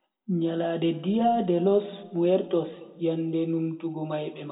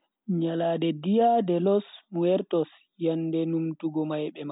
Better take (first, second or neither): second